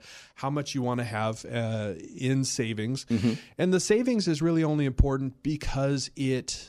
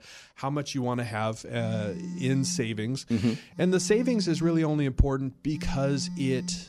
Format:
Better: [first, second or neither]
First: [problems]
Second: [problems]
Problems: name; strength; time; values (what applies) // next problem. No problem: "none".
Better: first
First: none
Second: phone ringing; noticeable; from 1.5 s on; peak 7 dB below the speech